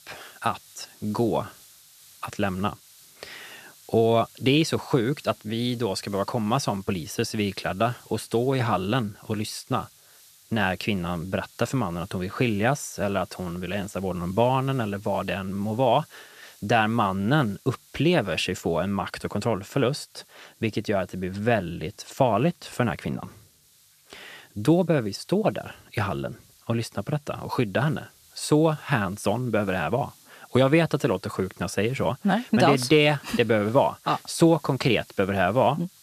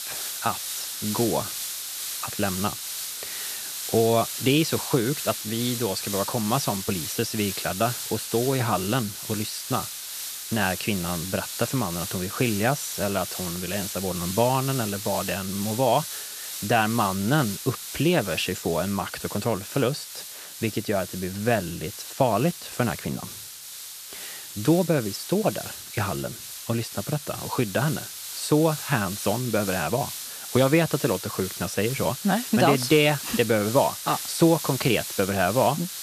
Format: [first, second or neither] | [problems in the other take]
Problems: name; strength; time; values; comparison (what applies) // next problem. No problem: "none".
first | hiss; loud; throughout; 7 dB below the speech; faint in the first